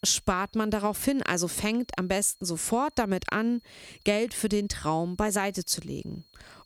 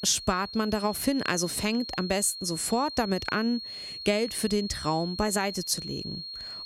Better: first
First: high-pitched whine; faint; throughout; 4.5 kHz, 30 dB below the speech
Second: high-pitched whine; loud; throughout; 4.5 kHz, 8 dB below the speech

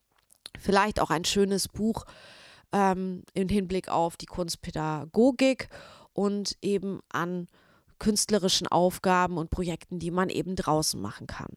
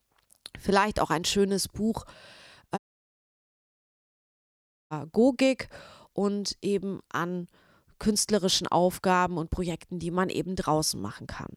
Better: first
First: none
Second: audio cutting out; at 3 s for 2 s

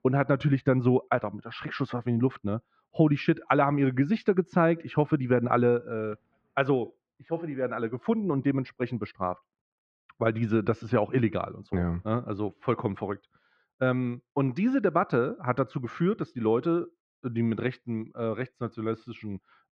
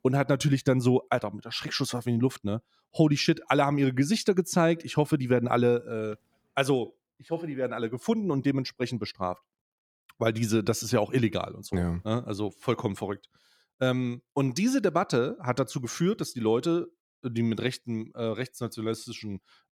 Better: second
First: muffled; very; fading above 2.5 kHz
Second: none

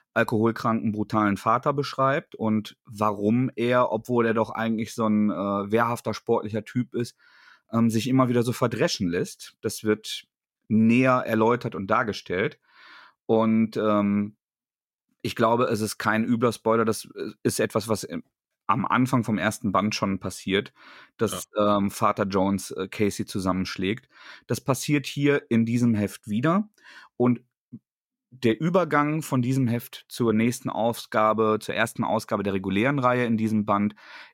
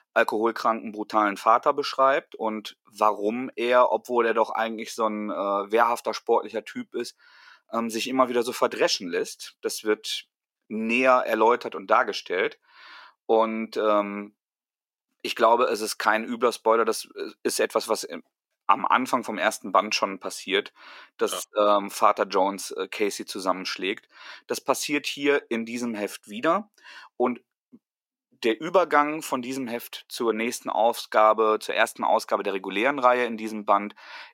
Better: first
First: none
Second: thin; somewhat; fading below 350 Hz

